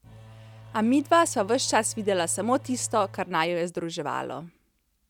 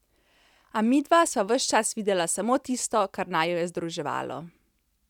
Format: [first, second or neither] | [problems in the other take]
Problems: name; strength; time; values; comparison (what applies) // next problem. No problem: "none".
second | background sound (Engine / Domestic sounds, home sounds); 19 dB below the speech